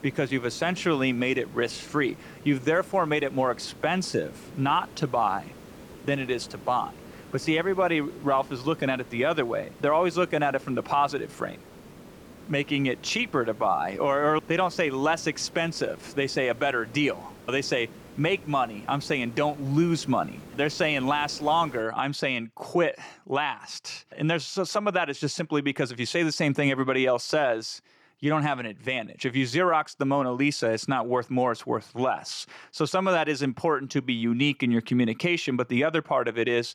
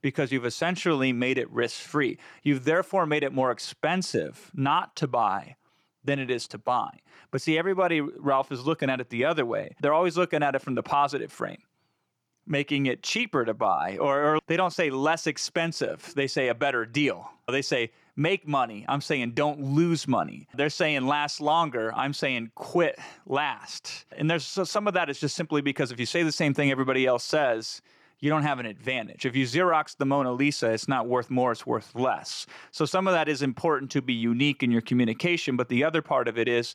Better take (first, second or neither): second